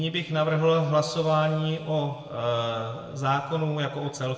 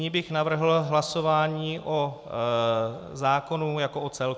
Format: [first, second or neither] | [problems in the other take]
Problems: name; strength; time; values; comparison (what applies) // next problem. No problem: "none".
second | room echo; dies away in 1.8 s